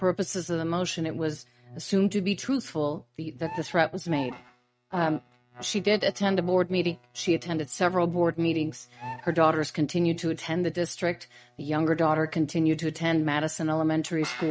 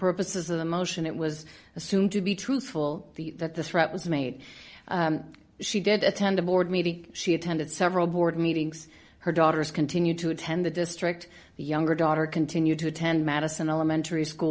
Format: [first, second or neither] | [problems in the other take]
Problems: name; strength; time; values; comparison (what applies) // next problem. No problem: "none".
second | noise reduction (neural mask model RNNoise)